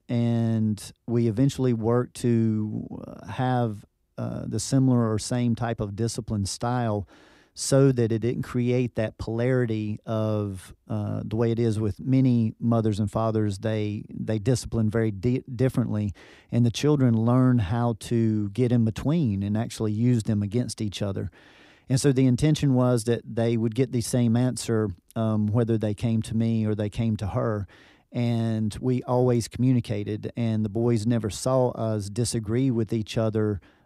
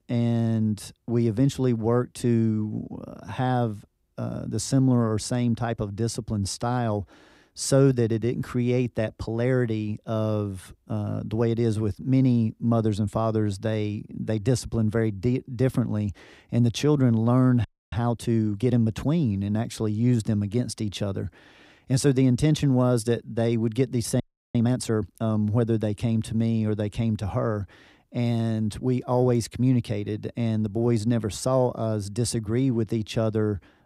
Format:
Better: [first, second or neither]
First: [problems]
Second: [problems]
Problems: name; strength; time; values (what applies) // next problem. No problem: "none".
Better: first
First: none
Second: audio freezing; at 18 s and at 24 s